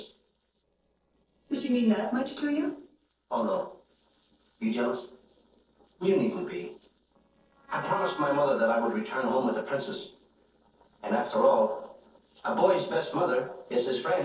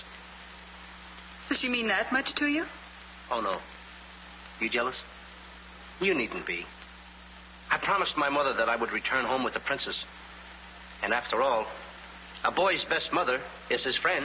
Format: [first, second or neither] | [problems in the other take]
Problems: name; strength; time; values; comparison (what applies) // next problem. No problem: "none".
second | noise reduction (neural separator model SepFormer DNS4)